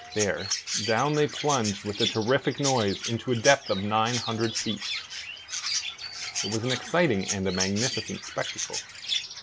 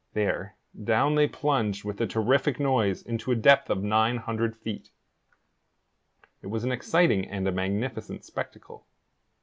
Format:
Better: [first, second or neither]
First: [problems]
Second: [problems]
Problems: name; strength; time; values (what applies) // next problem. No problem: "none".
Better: second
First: background sound (Chirp, tweet); 5 dB below the speech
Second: none